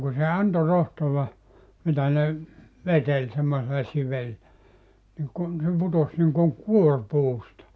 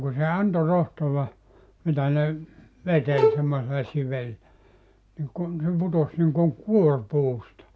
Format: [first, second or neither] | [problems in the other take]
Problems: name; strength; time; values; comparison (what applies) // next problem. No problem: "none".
first | background sound (Bowed string instrument); 1 dB below the speech